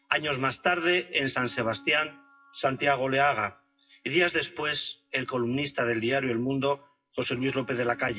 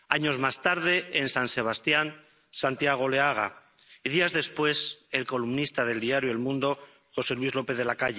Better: second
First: noise reduction (classical method WPE with log-MMSE)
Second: none

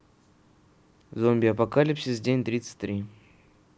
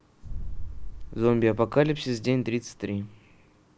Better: first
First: none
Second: background sound (Boom); 9 dB below the speech

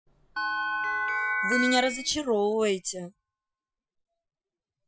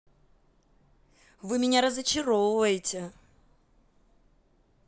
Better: second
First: noise reduction (classical method Wiener filter)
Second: none

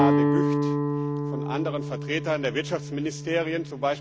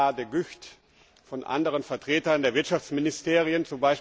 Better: second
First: background sound (Guitar); 3 dB above the speech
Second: none

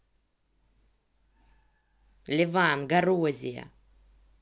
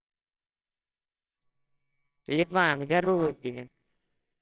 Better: first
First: none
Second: noise reduction (neural separator model SepFormer WHAMR!)

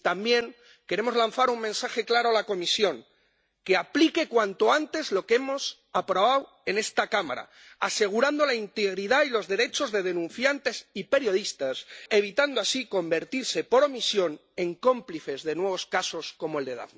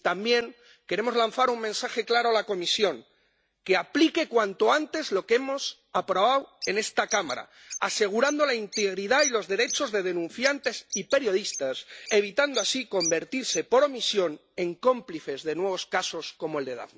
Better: first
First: none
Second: background sound (Bird); 11 dB below the speech

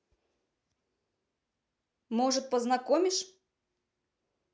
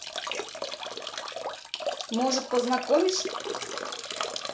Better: first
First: none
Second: background sound (Drip / Trickle, dribble / Bathtub (filling or washing)); 4 dB below the speech // room echo; dies away in 0.3 s

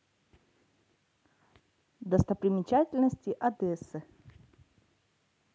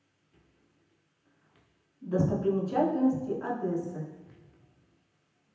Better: first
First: none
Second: room echo; dies away in 0.9 s

